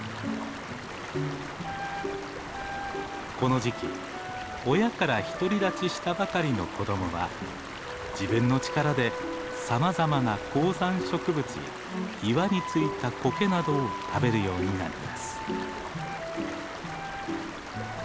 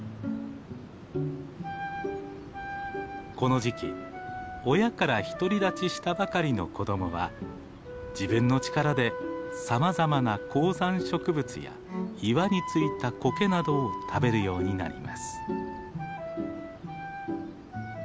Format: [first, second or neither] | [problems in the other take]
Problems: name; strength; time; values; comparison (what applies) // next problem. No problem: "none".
second | background sound (Stream); 10 dB below the speech